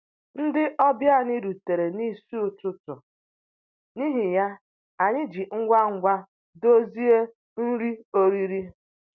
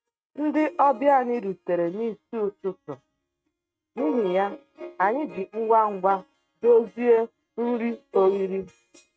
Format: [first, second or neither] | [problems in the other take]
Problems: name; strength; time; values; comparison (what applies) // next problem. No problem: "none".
first | noise reduction (neural mask model RNNoise)